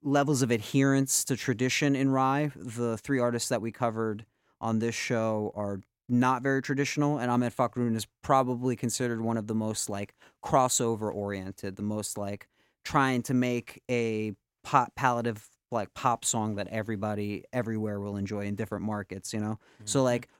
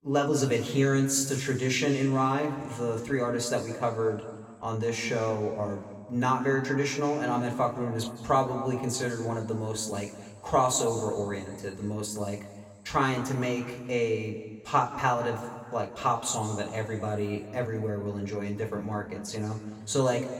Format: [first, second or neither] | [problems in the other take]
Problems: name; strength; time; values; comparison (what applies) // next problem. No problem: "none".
first | room echo; slight; dies away in 1.7 s // off-mic speech; somewhat distant